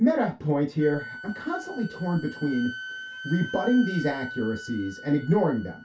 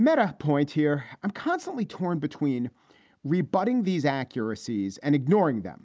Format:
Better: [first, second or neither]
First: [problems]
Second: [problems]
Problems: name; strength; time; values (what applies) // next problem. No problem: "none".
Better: second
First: background sound (Wind instrument, woodwind instrument); 13 dB below the speech // room echo; dies away in 0.2 s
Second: none